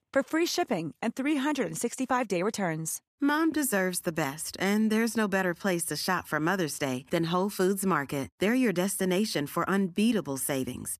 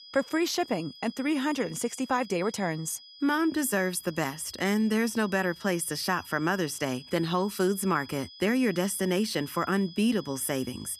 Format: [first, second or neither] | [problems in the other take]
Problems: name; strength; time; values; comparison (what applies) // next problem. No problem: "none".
first | high-pitched whine; noticeable; throughout; 5 kHz, 20 dB below the speech